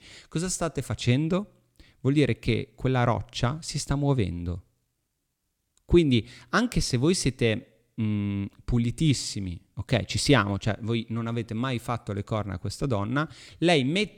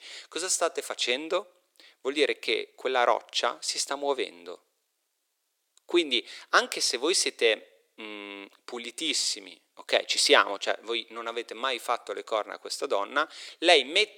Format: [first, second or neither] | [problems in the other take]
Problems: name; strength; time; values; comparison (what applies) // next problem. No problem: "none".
first | thin; very; fading below 400 Hz